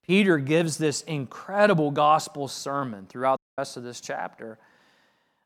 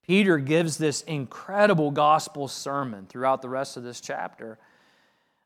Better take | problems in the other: second | audio cutting out; at 3.5 s

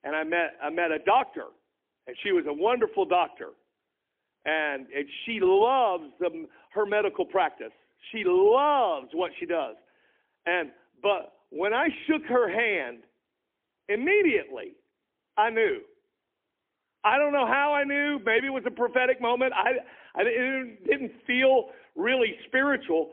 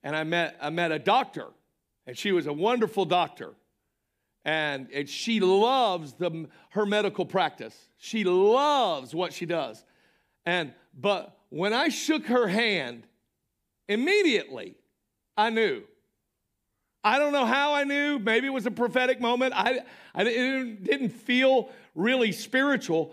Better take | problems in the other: second | phone-call audio; poor line; nothing above 3.5 kHz

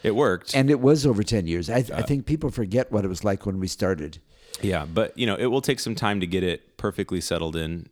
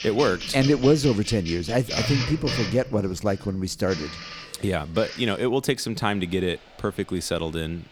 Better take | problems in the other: first | household noises; loud; throughout; 7 dB below the speech

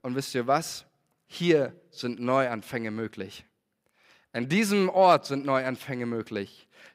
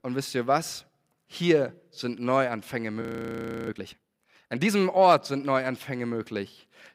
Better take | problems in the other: first | audio freezing; at 3 s for 0.5 s

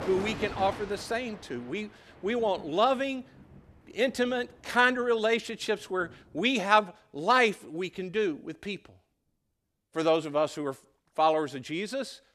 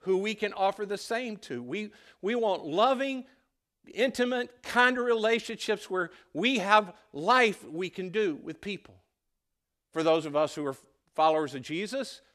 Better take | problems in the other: second | rain or running water; noticeable; throughout; 15 dB below the speech

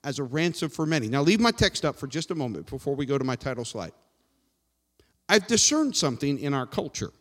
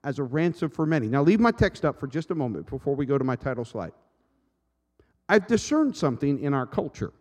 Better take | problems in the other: first | muffled; very; fading above 2.5 kHz

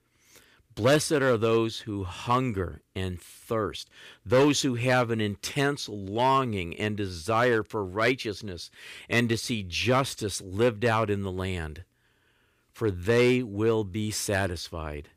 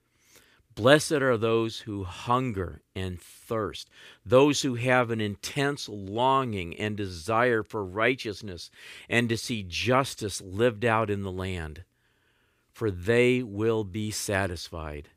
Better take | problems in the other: second | distortion; slight; 2% of the sound clipped

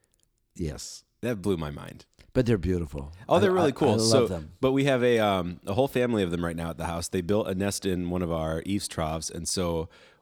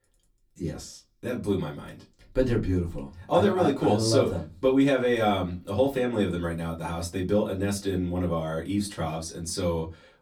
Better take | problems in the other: first | off-mic speech; far // room echo; very slight; dies away in 0.2 s

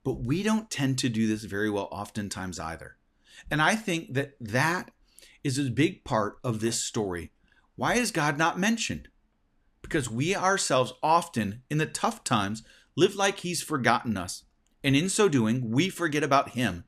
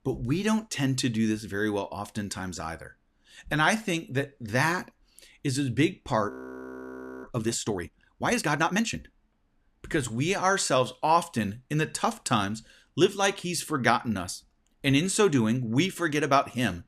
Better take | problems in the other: first | audio freezing; at 6.5 s for 1 s

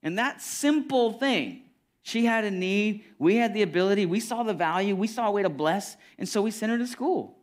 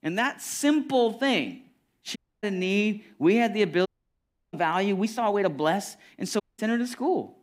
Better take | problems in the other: first | audio cutting out; at 2 s, at 4 s for 0.5 s and at 6.5 s

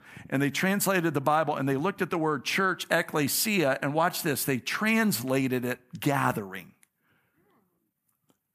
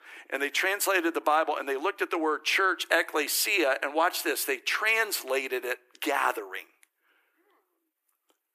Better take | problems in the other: first | thin; very; fading below 300 Hz

